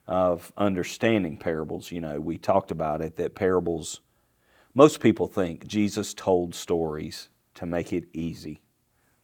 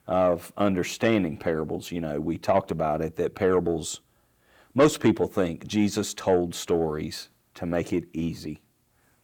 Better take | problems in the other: first | distortion; slight; 10 dB below the speech

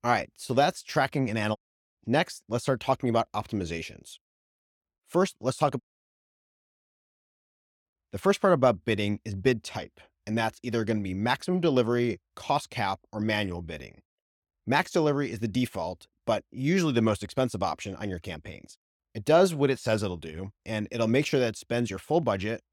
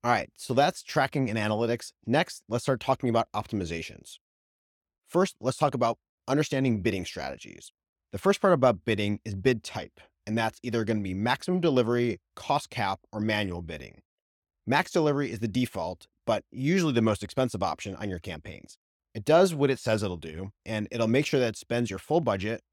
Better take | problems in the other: second | audio cutting out; at 1.5 s and at 6 s for 2 s

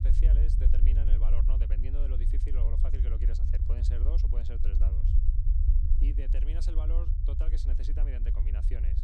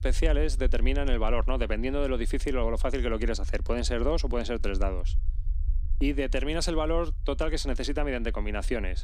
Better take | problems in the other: second | low rumble; loud; throughout; 1 dB below the speech; faint in the second

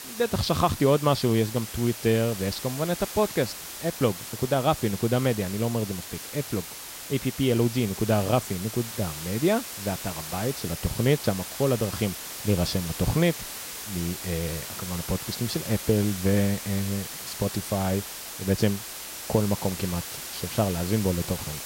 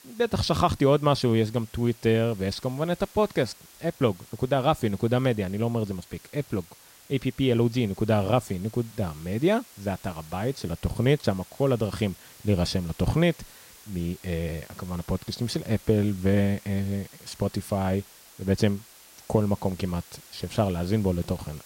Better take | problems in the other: second | hiss; loud; throughout; 8 dB below the speech; faint in the second

